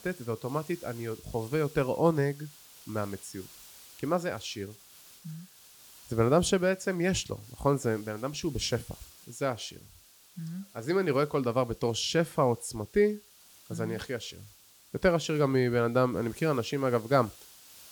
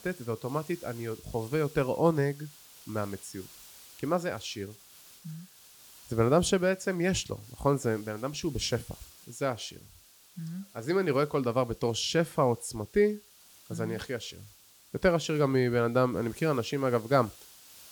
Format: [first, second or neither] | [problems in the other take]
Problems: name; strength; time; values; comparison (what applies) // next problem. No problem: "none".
neither | hiss; faint; throughout; 20 dB below the speech; the same in both